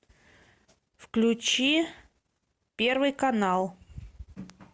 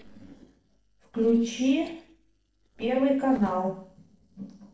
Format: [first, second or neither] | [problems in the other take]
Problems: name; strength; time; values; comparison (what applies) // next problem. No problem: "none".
first | noise reduction (neural separator model SepFormer DNS4)